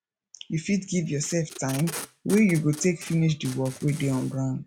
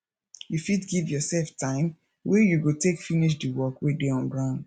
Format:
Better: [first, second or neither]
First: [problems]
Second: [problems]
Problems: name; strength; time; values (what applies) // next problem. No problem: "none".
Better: second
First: background sound (Packing tape, duct tape); 16 dB below the speech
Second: none